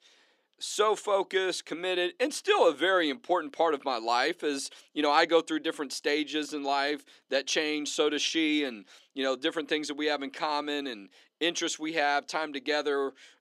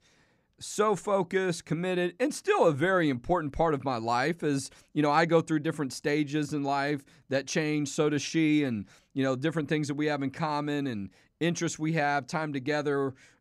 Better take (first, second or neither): second